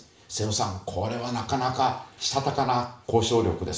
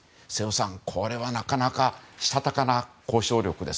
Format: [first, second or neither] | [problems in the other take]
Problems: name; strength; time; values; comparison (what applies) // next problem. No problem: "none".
second | room echo; dies away in 0.5 s